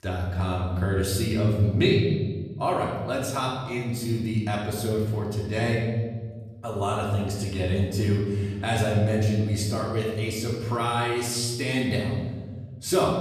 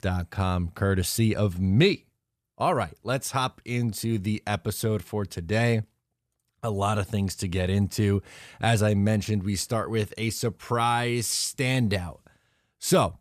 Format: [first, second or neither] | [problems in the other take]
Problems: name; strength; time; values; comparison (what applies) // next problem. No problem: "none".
second | off-mic speech; far // room echo; noticeable; dies away in 1.5 s